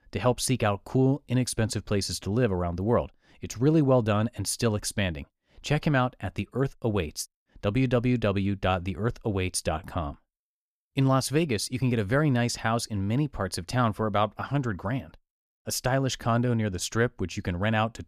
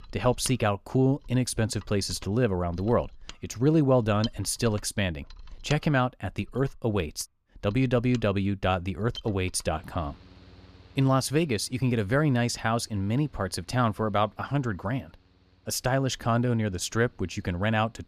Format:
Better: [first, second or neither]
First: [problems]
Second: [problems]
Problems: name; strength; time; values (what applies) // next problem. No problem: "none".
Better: first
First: none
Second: machinery noise; faint; throughout; 20 dB below the speech